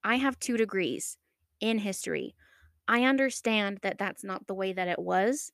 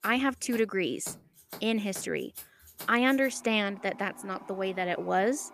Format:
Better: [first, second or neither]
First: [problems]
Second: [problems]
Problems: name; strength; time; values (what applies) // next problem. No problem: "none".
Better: first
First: none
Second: household noises; noticeable; throughout; 20 dB below the speech